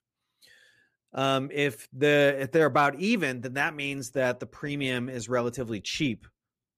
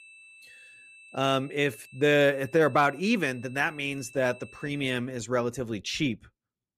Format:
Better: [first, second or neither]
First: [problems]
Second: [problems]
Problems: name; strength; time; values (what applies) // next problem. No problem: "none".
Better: first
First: none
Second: high-pitched whine; faint; until 5 s; 2.5 kHz, 25 dB below the speech